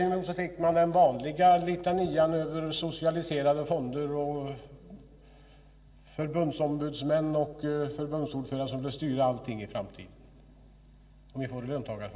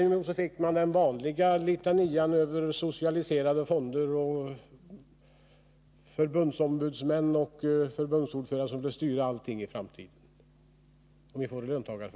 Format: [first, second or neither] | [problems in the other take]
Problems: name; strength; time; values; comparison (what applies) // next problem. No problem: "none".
second | room echo; dies away in 2.4 s